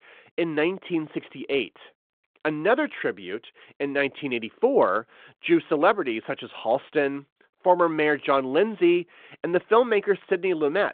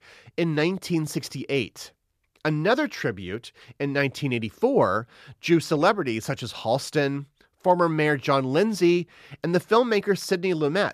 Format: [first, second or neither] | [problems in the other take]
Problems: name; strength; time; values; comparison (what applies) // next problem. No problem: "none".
second | phone-call audio